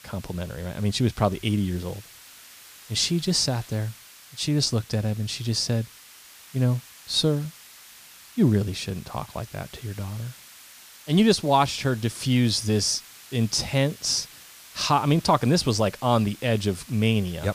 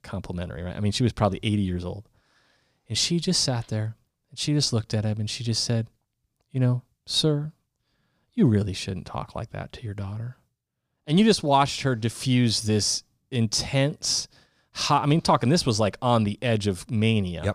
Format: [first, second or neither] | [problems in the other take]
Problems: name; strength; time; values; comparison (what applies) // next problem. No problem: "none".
second | hiss; faint; throughout; 20 dB below the speech